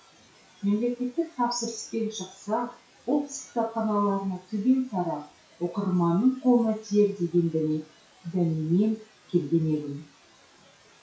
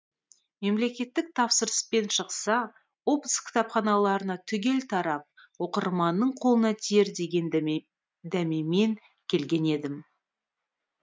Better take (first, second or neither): second